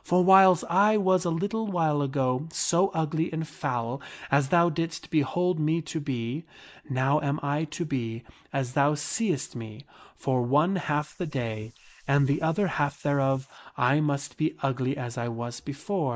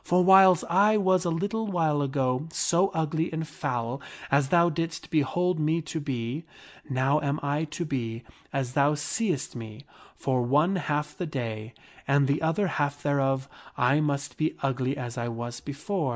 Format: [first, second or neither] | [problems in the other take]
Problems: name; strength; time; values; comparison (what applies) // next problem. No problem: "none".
second | noise reduction (neural mask model Resemble Enhance denoiser)